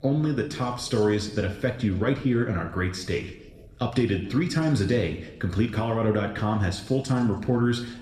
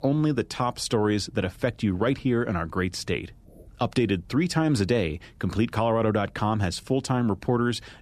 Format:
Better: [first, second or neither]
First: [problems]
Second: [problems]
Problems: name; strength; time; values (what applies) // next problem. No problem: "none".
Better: second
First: room echo; slight; dies away in 0.8 s // off-mic speech; somewhat distant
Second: none